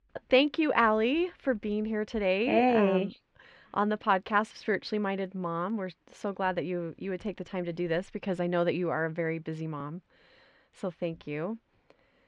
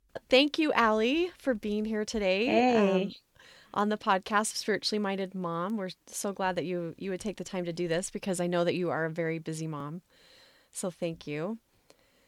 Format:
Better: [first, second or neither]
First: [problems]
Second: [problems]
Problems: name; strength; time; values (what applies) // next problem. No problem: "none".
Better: second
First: muffled; slightly; fading above 2.5 kHz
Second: none